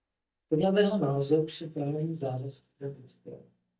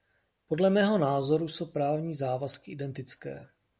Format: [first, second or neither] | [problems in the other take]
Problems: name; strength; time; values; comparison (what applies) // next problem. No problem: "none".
second | noise reduction (neural mask model DeepFilterNet 3)